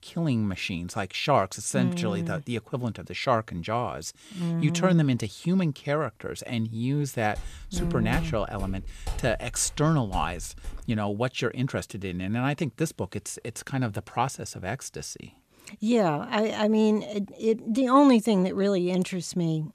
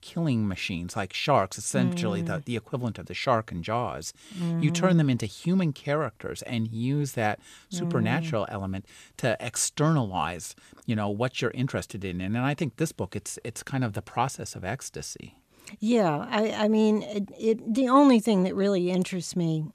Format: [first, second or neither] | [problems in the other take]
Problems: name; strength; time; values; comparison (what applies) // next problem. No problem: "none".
second | footsteps; noticeable; from 7.5 to 11 s; peak 10 dB below the speech